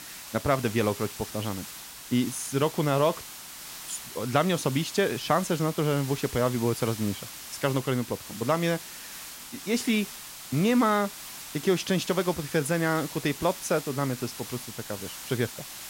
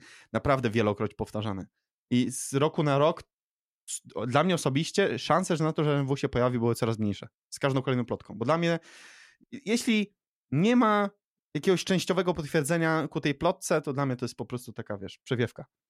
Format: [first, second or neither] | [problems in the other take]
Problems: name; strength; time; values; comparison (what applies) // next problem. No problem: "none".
second | hiss; noticeable; throughout; 10 dB below the speech